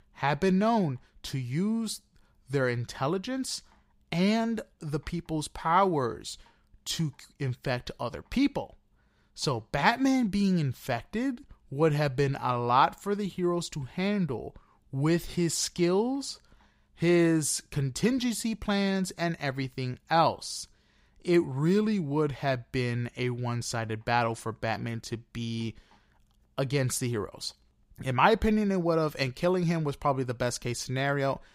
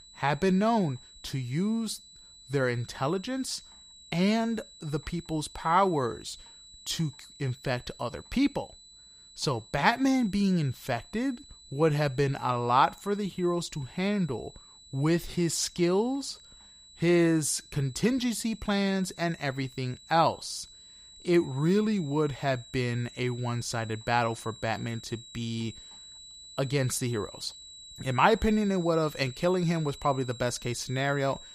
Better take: first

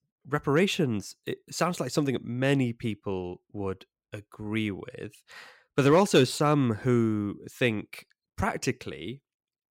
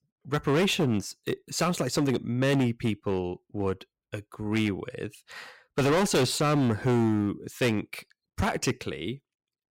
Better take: first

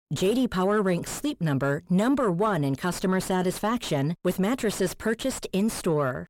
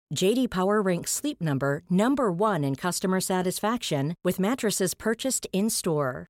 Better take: second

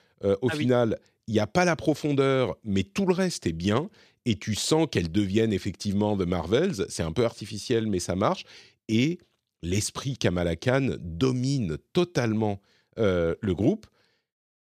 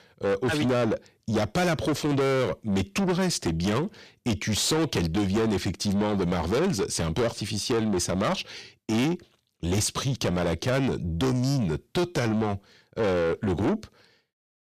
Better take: first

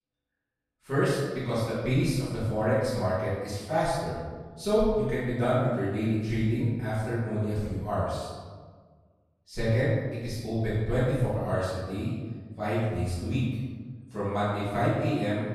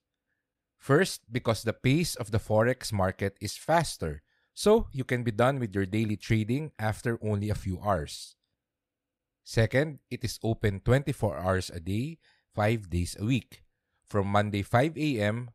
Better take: second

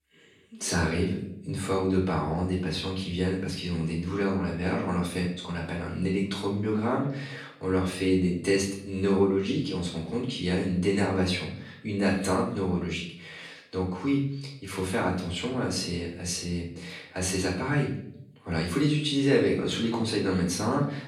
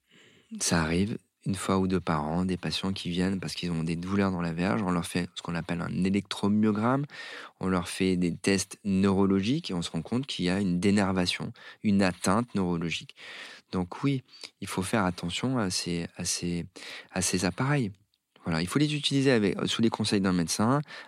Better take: second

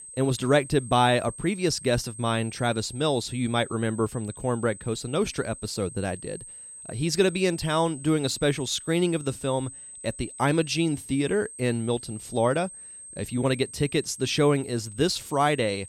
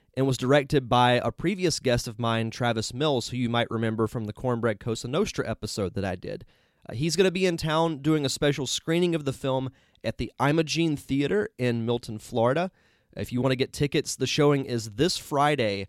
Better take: second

